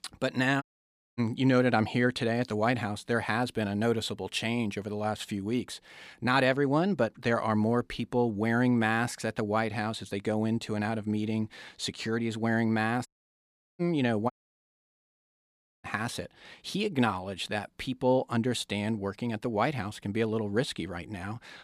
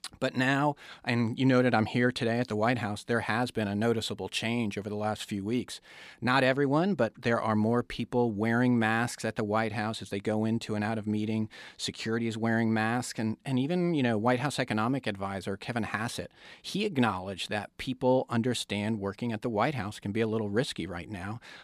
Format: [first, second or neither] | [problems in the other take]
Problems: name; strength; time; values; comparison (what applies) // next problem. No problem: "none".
second | audio cutting out; at 0.5 s for 0.5 s, at 13 s for 0.5 s and at 14 s for 1.5 s